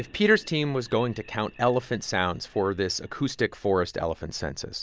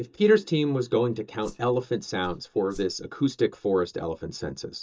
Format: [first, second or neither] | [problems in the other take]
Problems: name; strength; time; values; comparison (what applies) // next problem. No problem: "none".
first | noise reduction (neural mask model DeepFilterNet 3)